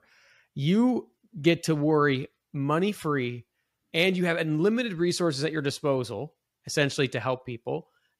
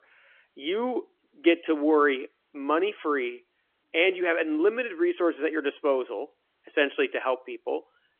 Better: first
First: none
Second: phone-call audio; nothing above 3.5 kHz

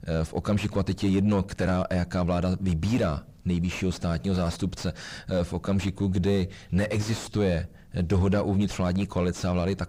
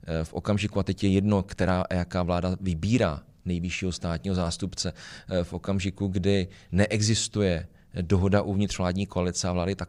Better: second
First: distortion; heavy; 6 dB below the speech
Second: none

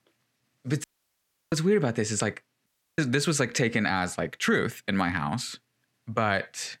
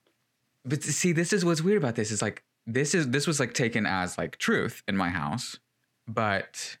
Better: second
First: audio cutting out; at 1 s for 0.5 s and at 2.5 s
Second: none

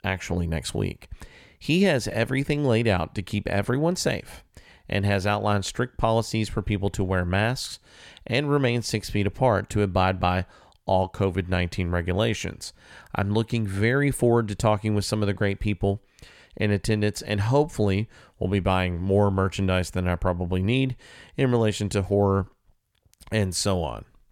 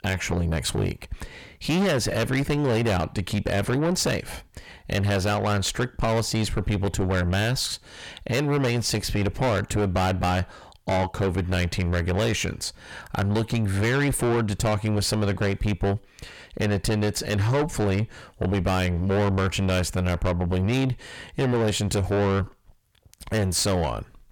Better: first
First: none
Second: distortion; heavy; 5 dB below the speech

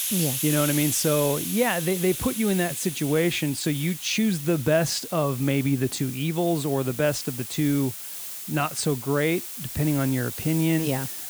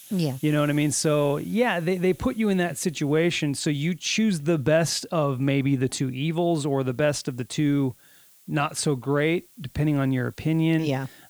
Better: second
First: hiss; loud; throughout; 6 dB below the speech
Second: hiss; faint; throughout; 25 dB below the speech

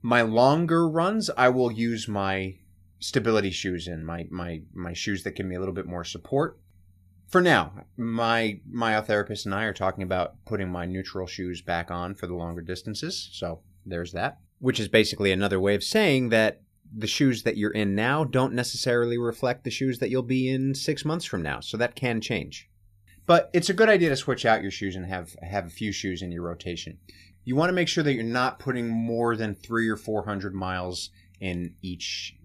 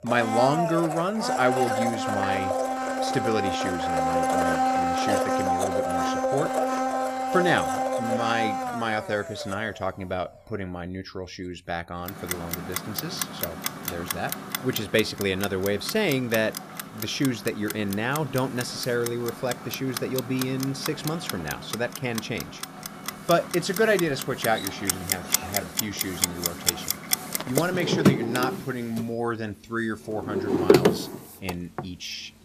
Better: first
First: none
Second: household noises; very loud; throughout; 1 dB above the speech

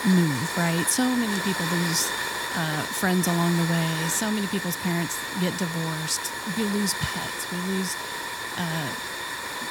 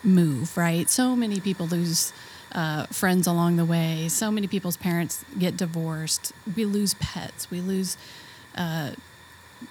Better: second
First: hiss; loud; throughout; 3 dB below the speech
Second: hiss; faint; throughout; 20 dB below the speech

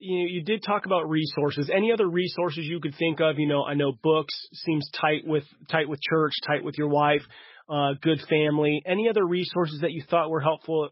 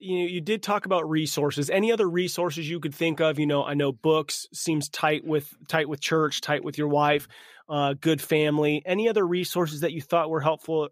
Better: second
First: garbled, watery; badly; nothing above 5.5 kHz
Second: none

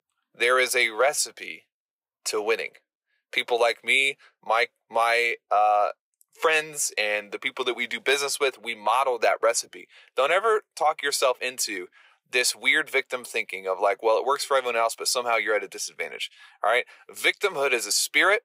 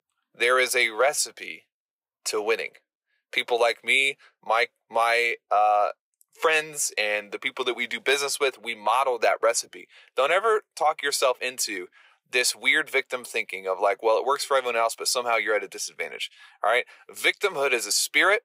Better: neither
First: thin; very; fading below 400 Hz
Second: thin; very; fading below 400 Hz

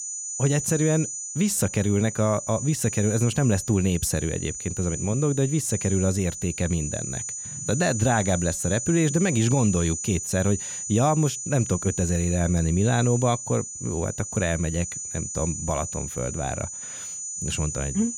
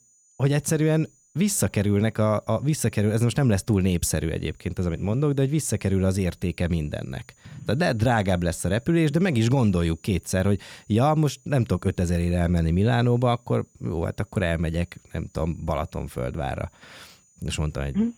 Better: second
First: high-pitched whine; loud; throughout; 7 kHz, 6 dB below the speech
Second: high-pitched whine; faint; throughout; 7 kHz, 35 dB below the speech

